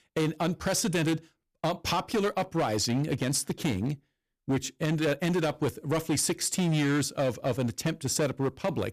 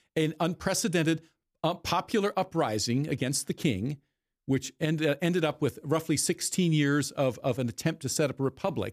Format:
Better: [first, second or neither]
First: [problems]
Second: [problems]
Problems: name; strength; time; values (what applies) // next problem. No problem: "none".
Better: second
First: distortion; slight; 13% of the sound clipped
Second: none